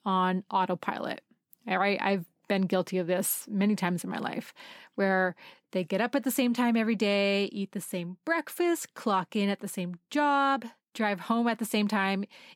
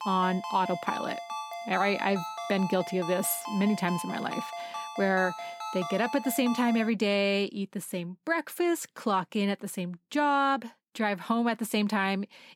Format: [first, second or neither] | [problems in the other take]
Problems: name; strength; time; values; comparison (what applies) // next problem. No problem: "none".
first | phone ringing; noticeable; until 7 s; peak 7 dB below the speech